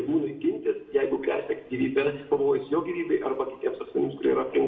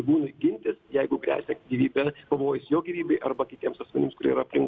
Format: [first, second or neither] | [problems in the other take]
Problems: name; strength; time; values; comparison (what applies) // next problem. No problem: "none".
second | room echo; dies away in 0.7 s